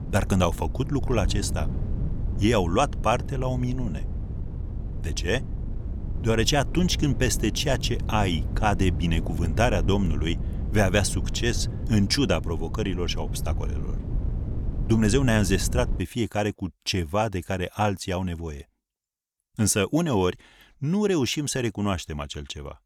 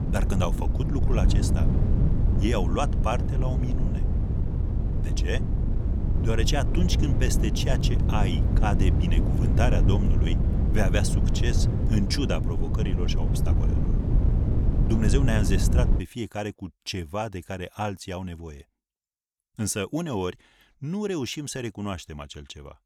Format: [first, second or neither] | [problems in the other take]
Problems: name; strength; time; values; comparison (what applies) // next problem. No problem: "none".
first | wind noise on the microphone; heavy; until 16 s; 5 dB below the speech; occasional gusts in the first